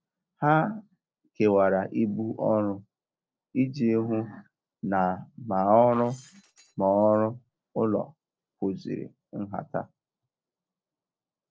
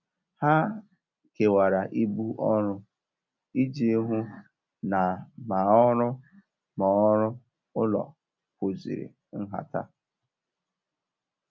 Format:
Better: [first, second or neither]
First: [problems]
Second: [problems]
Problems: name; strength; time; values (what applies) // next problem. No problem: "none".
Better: second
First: noise reduction (neural separator model SepFormer DNS4)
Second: none